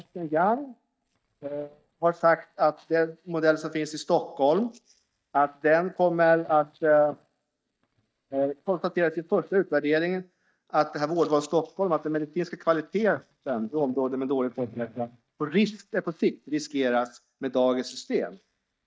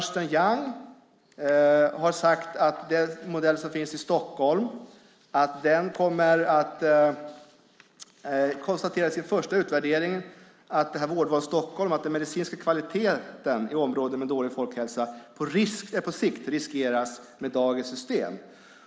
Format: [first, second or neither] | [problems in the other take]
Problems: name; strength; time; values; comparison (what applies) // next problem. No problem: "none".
second | noise reduction (neural mask model DeepFilterNet 3)